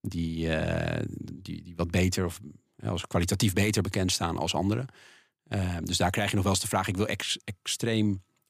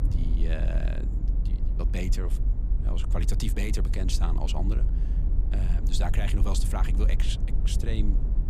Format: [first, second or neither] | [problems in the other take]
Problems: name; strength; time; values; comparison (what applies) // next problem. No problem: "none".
first | low rumble; loud; throughout; 8 dB below the speech